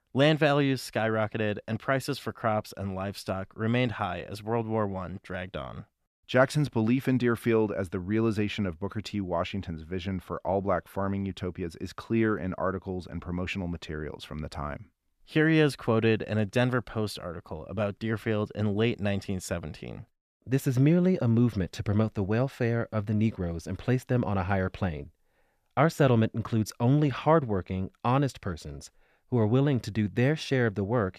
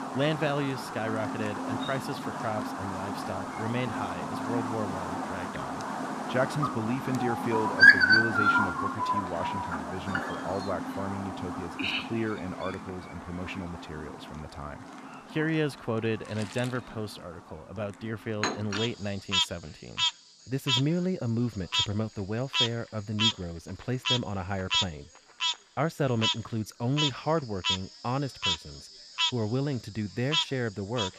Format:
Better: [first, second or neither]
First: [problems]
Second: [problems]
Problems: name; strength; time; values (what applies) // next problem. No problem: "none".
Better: first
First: none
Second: animal sounds; very loud; throughout; 5 dB above the speech